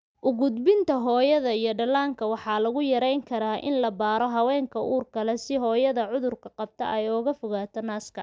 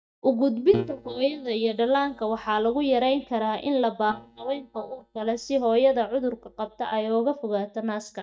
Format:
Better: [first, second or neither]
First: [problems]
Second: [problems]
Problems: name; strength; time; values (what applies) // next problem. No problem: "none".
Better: first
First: none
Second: noise reduction (neural mask model DeepFilterNet 3)